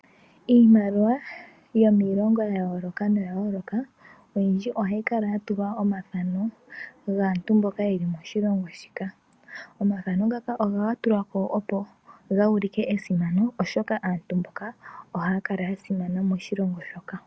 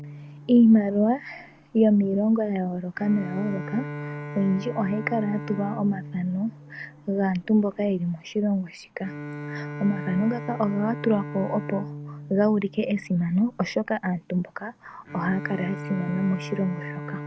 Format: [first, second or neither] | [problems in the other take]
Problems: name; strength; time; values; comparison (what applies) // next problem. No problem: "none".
first | background sound (Bowed string instrument); 12 dB below the speech